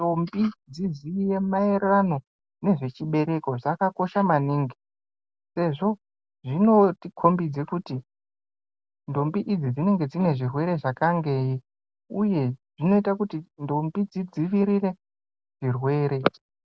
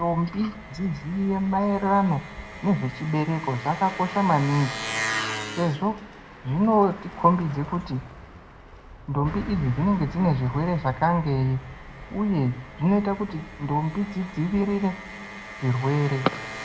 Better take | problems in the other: first | background sound (Engine); 12 dB below the speech // room echo; dies away in 1.6 s

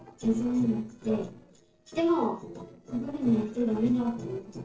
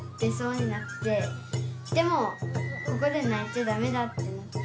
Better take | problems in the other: second | noise reduction (neural separator model SepFormer DNS4)

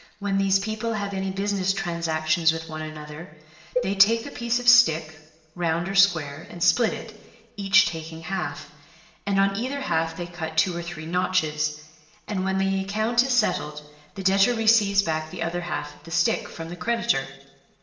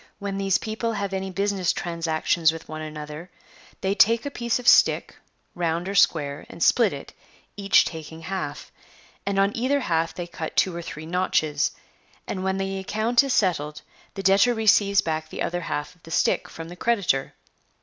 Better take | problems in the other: second | background sound (Cowbell); 8 dB below the speech // room echo; dies away in 1.1 s

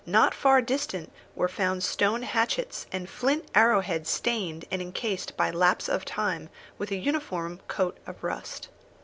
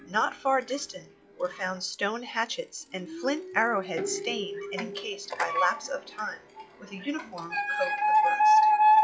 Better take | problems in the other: first | noise reduction (classical method log-MMSE)

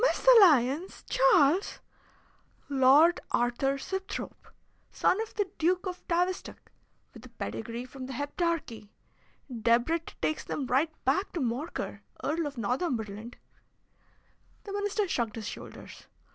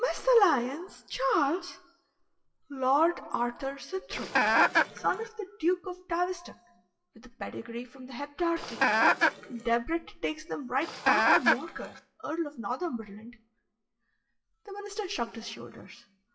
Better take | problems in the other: first | noise reduction (classical method WPE with log-MMSE)

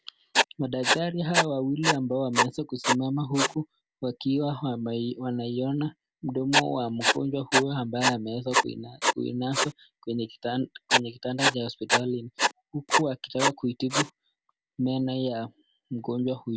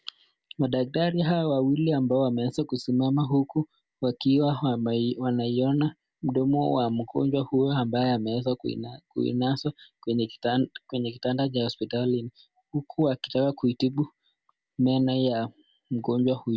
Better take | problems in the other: second | background sound (Writing); 2 dB above the speech

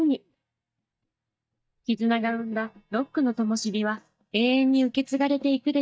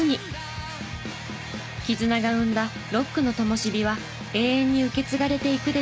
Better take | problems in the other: second | noise reduction (neural mask model DeepFilterNet 3)

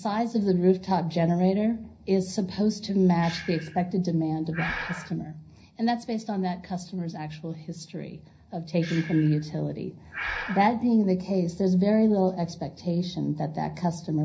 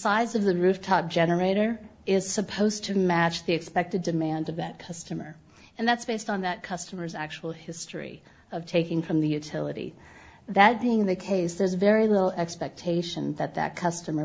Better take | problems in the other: second | background sound (Breathing); 17 dB below the speech // room echo; dies away in 0.4 s

